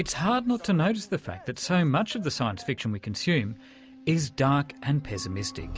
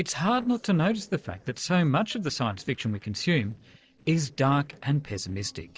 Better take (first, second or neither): first